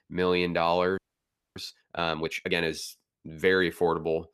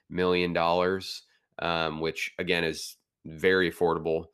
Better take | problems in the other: second | audio freezing; at 1 s for 0.5 s

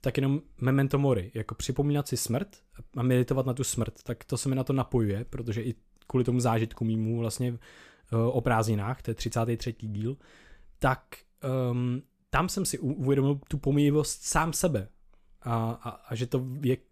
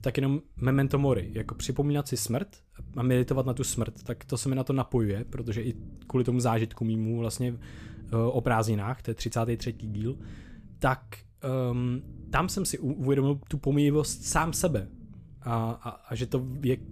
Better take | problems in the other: first | low rumble; faint; throughout; 25 dB below the speech

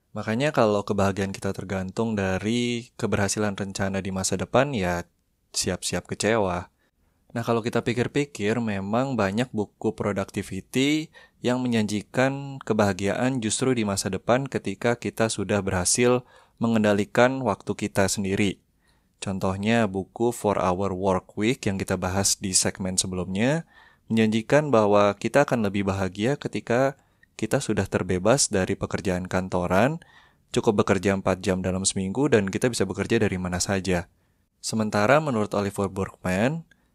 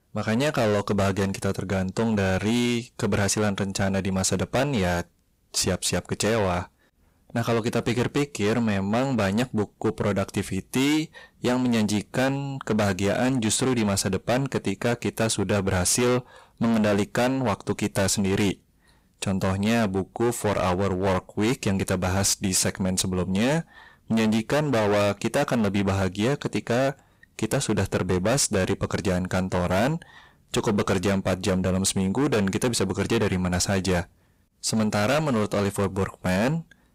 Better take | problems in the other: first | distortion; heavy; 17% of the sound clipped

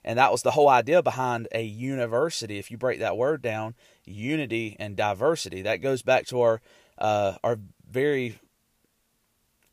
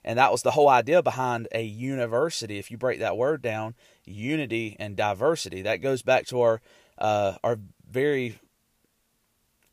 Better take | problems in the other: neither | none

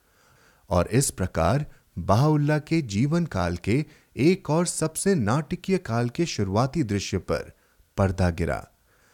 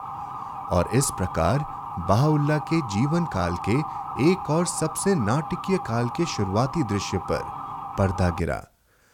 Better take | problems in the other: first | siren; noticeable; until 8.5 s; peak 7 dB below the speech

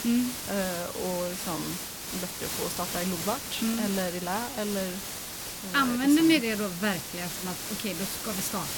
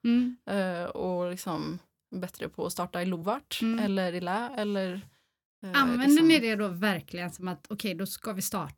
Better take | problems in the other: second | hiss; loud; throughout; 4 dB below the speech

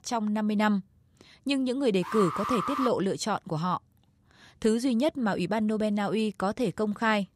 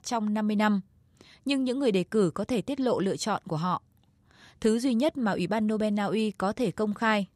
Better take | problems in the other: second | alarm; noticeable; at 2 s; peak 2 dB below the speech

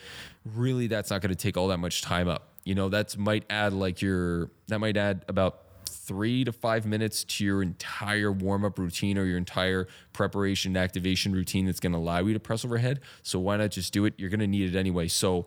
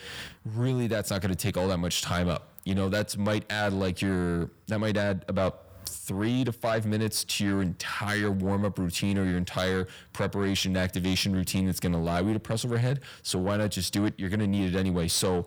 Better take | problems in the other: first | distortion; slight; 10 dB below the speech

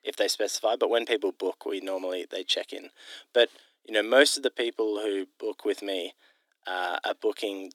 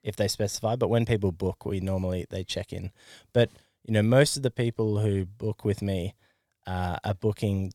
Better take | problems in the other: second | thin; very; fading below 300 Hz

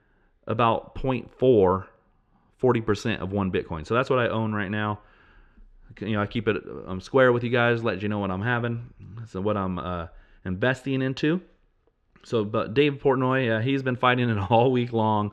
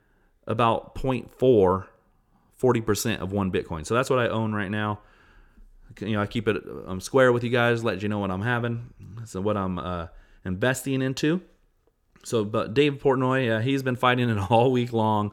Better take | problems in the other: second | muffled; slightly; fading above 3 kHz

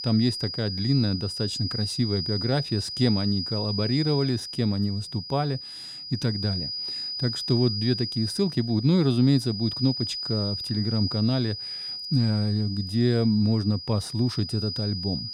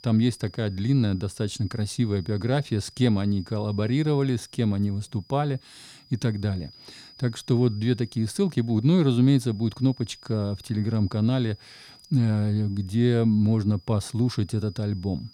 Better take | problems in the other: second | high-pitched whine; loud; throughout; 5 kHz, 5 dB below the speech; faint in the second

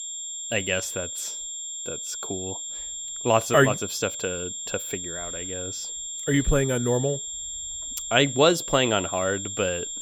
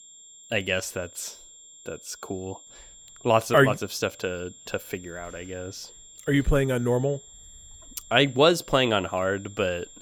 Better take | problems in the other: second | high-pitched whine; loud; throughout; 7.5 kHz, 6 dB below the speech; faint in the second

